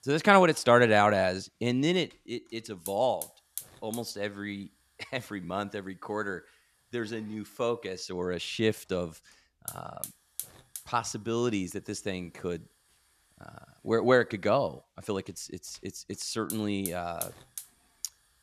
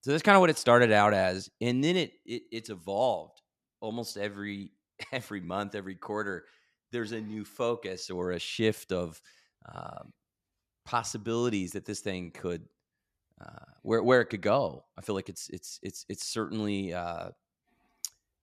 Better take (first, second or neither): second